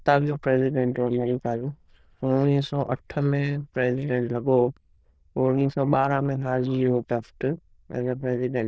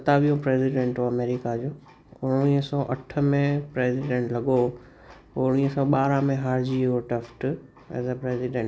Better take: second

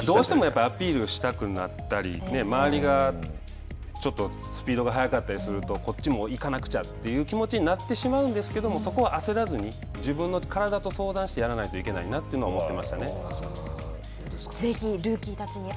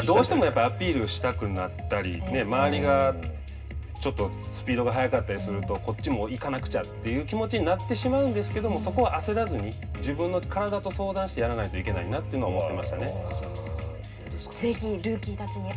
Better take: first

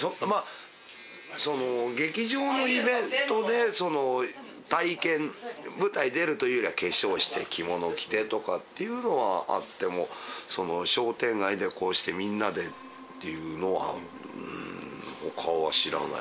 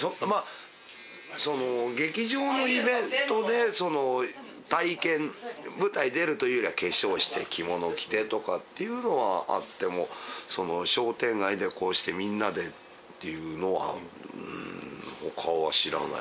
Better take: second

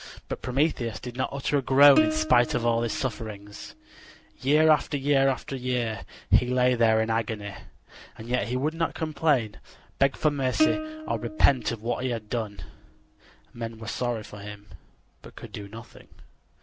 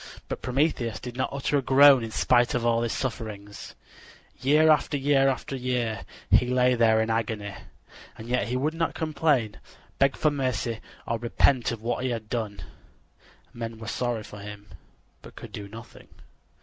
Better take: second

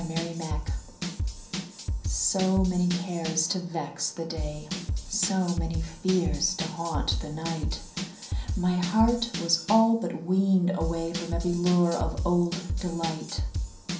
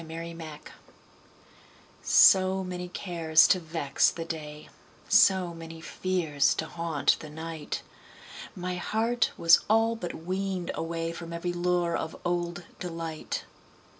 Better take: second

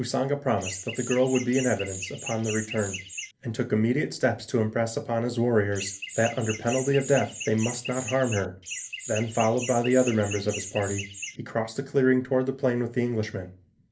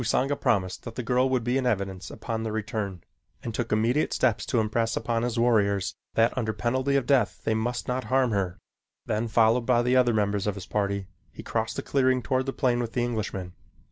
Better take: second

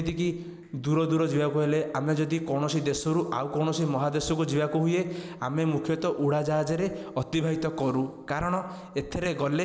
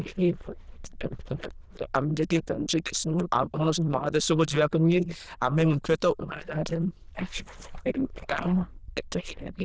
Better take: first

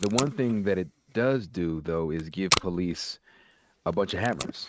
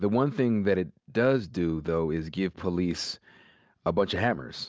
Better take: second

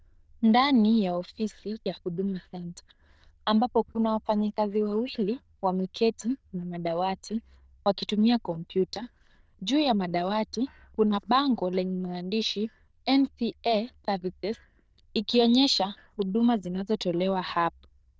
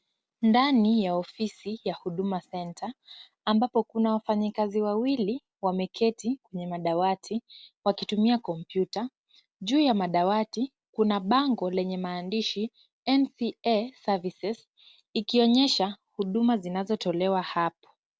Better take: second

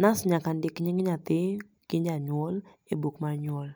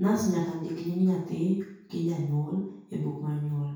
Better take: first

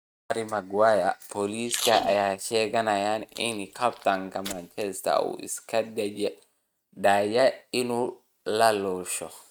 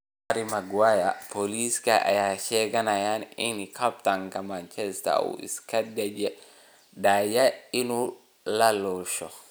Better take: second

